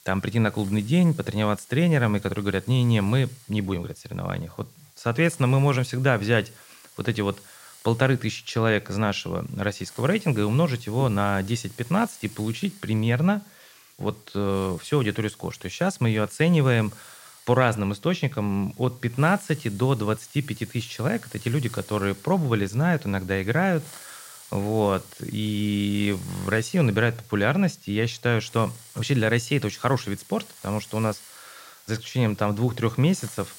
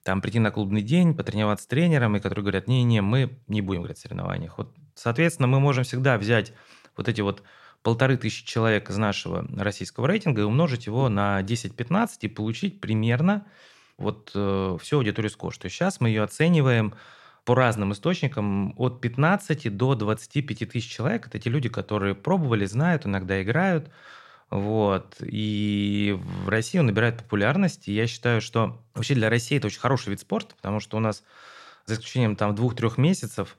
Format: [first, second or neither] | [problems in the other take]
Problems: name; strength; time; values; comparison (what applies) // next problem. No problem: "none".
second | hiss; faint; throughout; 20 dB below the speech